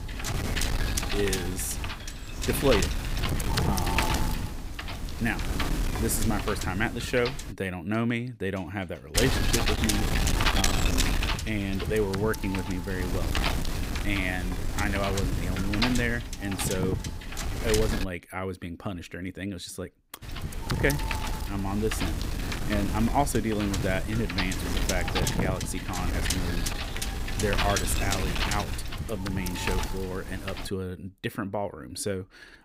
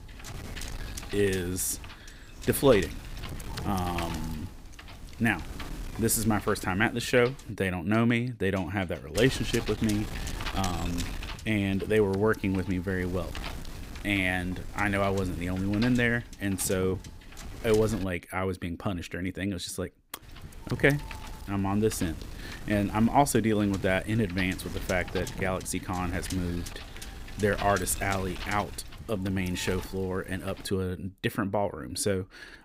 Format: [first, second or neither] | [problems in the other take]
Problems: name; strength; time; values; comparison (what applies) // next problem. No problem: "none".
second | wind noise on the microphone; heavy; until 7.5 s, from 9 to 18 s and from 20 to 31 s; as loud as the speech; occasional gusts in the second